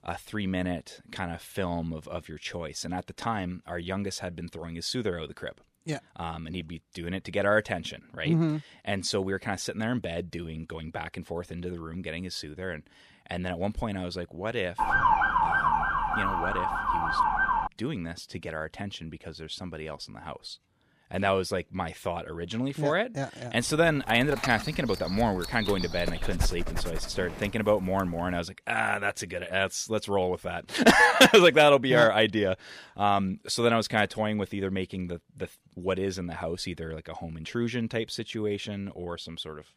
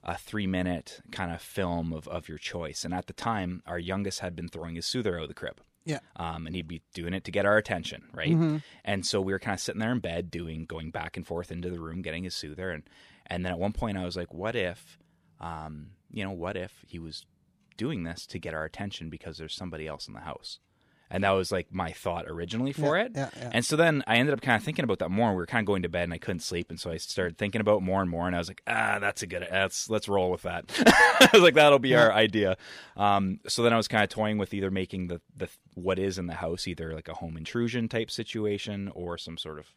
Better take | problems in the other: second | siren; loud; from 15 to 18 s; peak 6 dB above the speech // dog barking; noticeable; from 24 to 27 s; peak 4 dB below the speech

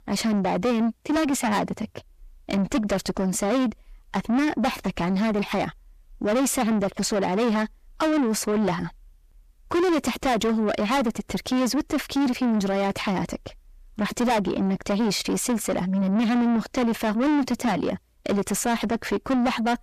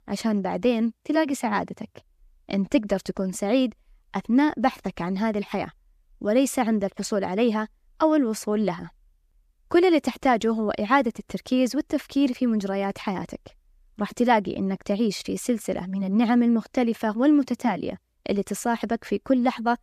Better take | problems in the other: second | distortion; heavy; 6 dB below the speech

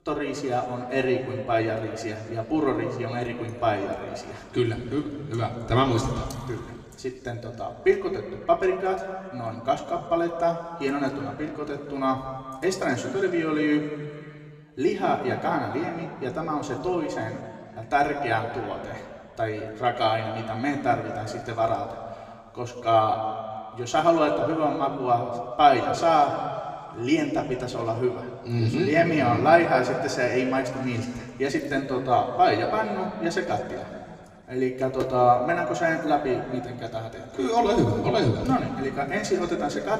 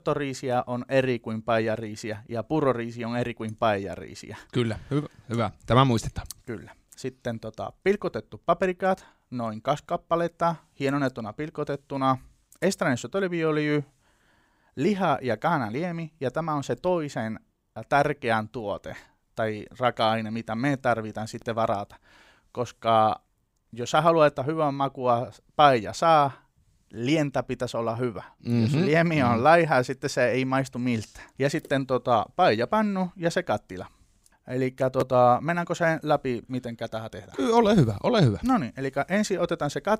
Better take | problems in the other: second | room echo; slight; dies away in 2.3 s // off-mic speech; somewhat distant

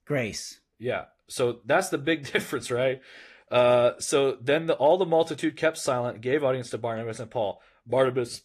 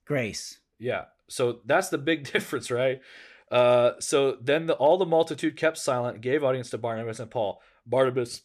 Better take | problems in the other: second | garbled, watery; slightly; nothing above 14.5 kHz

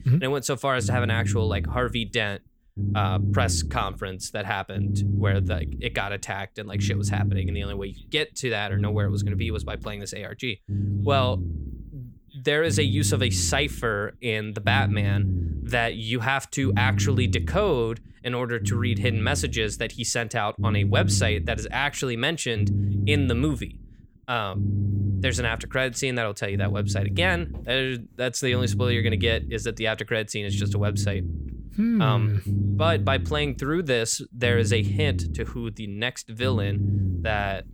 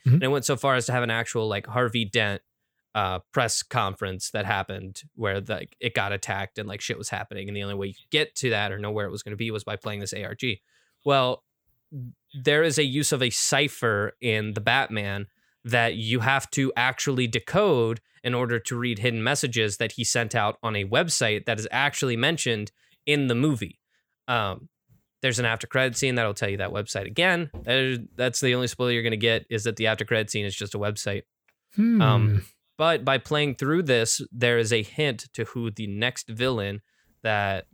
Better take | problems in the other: second | low rumble; noticeable; throughout; 15 dB below the speech

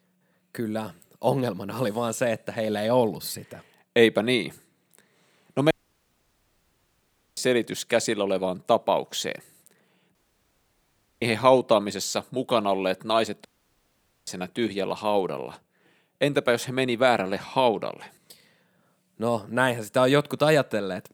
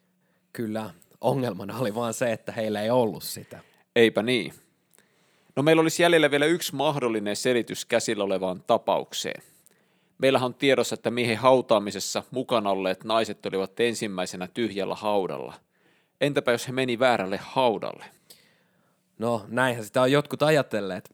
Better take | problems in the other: second | audio cutting out; at 5.5 s for 1.5 s, at 10 s for 1 s and at 13 s for 1 s

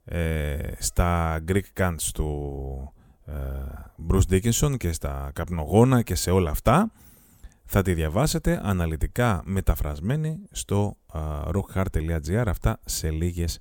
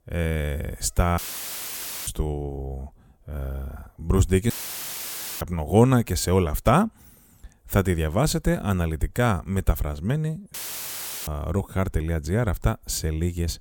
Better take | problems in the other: first | audio cutting out; filled with static; at 1 s for 1 s, at 4.5 s for 1 s and at 11 s for 0.5 s

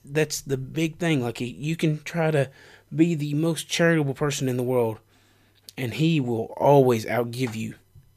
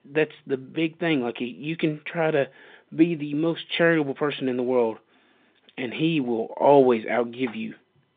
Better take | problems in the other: first | phone-call audio; nothing above 3.5 kHz

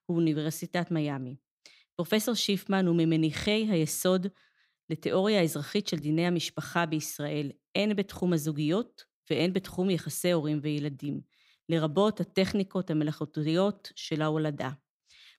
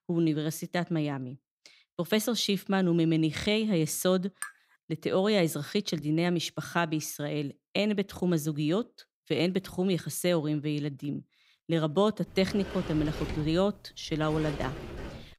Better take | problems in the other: first | clattering dishes; faint; at 4.5 s; peak 10 dB below the speech // door banging; noticeable; from 12 s on; peak 8 dB below the speech

